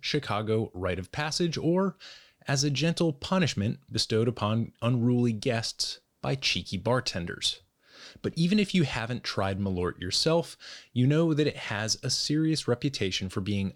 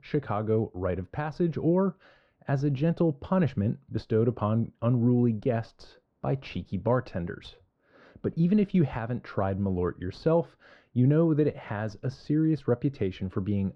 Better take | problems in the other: first | muffled; very; fading above 3 kHz

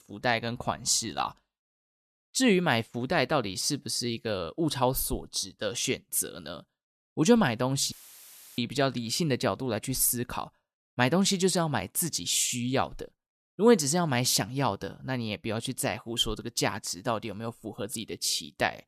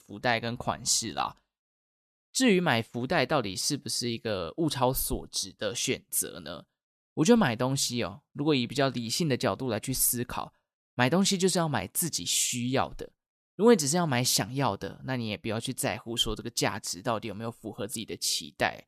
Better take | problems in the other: second | audio cutting out; filled with static; at 8 s for 0.5 s

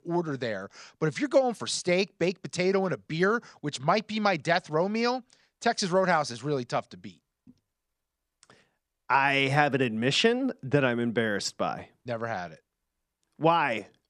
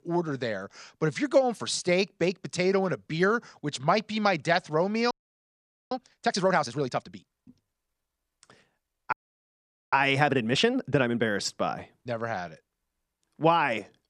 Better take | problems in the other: first | audio freezing; at 5 s for 1 s and at 9 s for 1 s

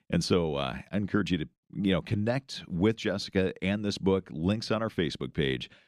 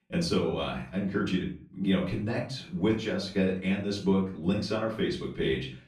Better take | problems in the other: first | room echo; slight; dies away in 0.4 s // off-mic speech; far

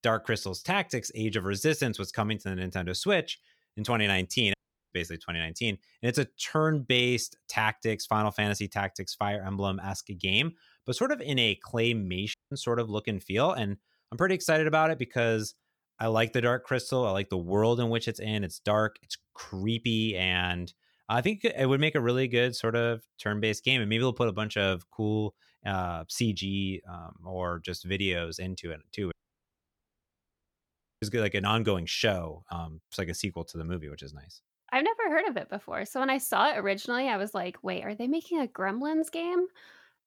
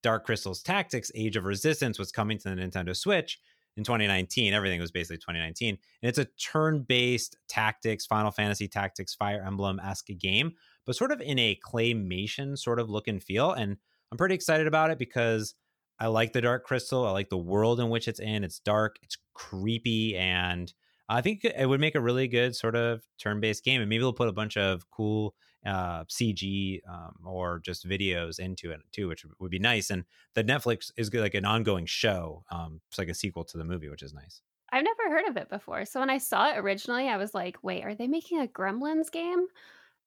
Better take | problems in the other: second | audio cutting out; at 4.5 s, at 12 s and at 29 s for 2 s

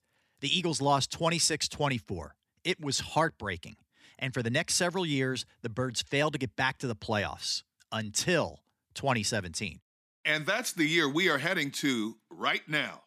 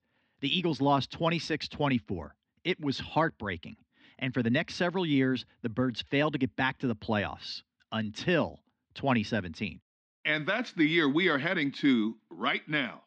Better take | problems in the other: first | muffled; slightly; fading above 4 kHz

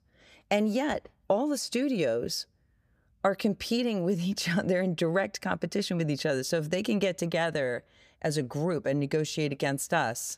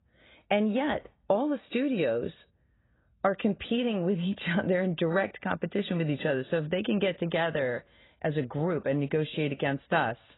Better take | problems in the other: first | garbled, watery; badly; nothing above 4 kHz

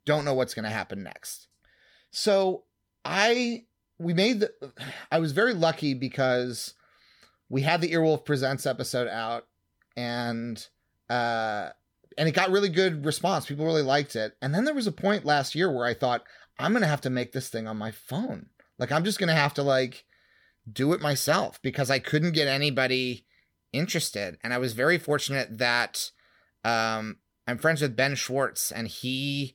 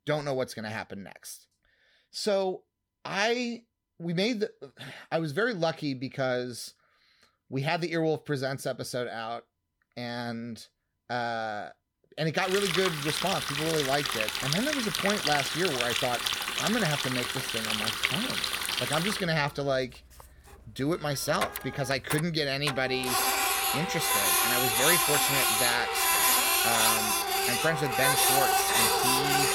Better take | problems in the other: first | household noises; very loud; from 12 s on; 5 dB above the speech

